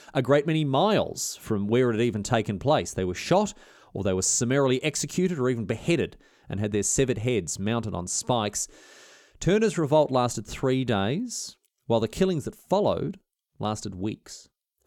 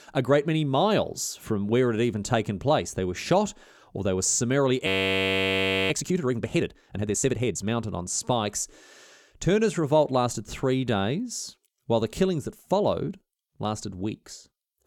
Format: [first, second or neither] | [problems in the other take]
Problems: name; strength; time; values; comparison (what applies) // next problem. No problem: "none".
first | audio freezing; at 5 s for 1 s